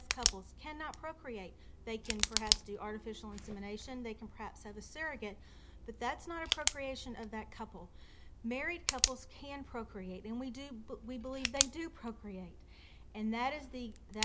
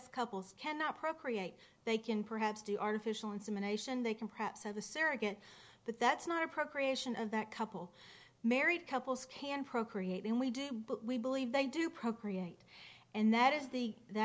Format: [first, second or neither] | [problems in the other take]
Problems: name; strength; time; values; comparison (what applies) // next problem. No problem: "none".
second | background sound (Tick); 2 dB above the speech